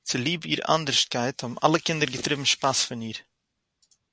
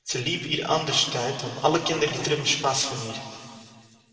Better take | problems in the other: first | room echo; dies away in 2.5 s

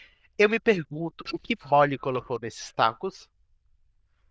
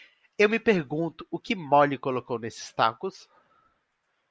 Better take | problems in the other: second | noise reduction (neural diffusion model UNIVERSE++)

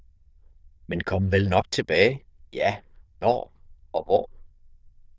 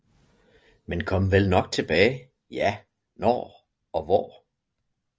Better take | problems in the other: second | noise reduction (neural diffusion model UNIVERSE++)

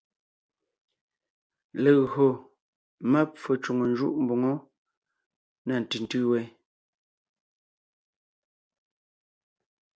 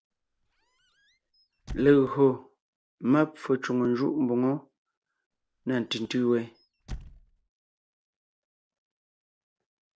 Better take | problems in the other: first | background sound (Squeak / Slam); 17 dB below the speech

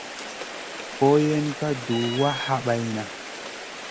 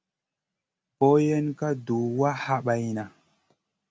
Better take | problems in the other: second | background sound (Rain + Alarm); 9 dB below the speech

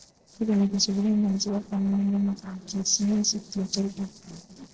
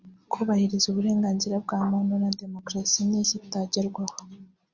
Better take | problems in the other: second | noise reduction (neural separator model SepFormer DNS4)

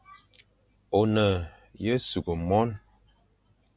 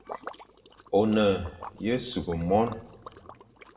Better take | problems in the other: first | background sound (Liquid); 17 dB below the speech // room echo; dies away in 0.7 s

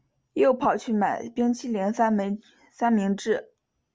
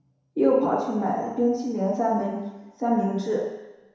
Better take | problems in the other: first | room echo; dies away in 1 s

